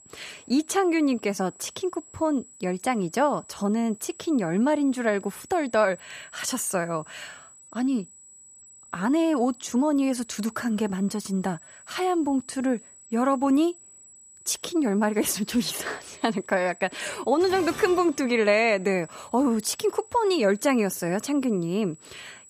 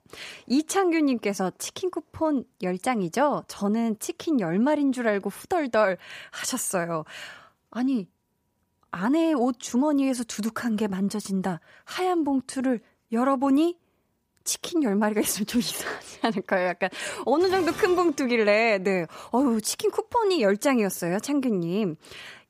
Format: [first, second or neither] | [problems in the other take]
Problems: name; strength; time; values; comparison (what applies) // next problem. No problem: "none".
second | high-pitched whine; faint; throughout; 8 kHz, 20 dB below the speech